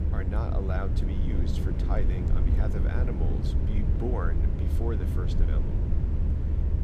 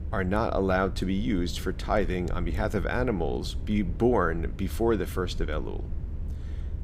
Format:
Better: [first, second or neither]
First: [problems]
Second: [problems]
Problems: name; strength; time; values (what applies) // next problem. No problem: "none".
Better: second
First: low rumble; loud; throughout; 2 dB below the speech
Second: low rumble; faint; throughout; 20 dB below the speech